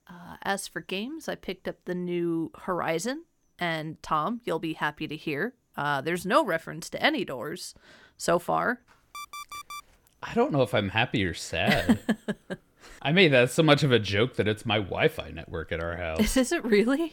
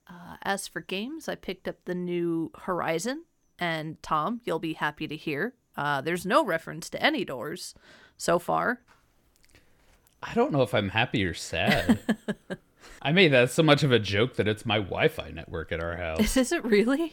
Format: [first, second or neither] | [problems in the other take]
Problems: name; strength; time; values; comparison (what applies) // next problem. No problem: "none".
second | alarm; faint; at 9 s; peak 10 dB below the speech